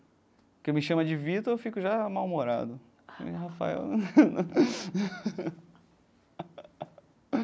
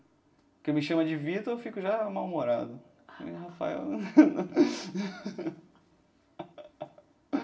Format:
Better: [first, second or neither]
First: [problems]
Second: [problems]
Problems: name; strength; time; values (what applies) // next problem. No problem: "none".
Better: first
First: none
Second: room echo; dies away in 0.5 s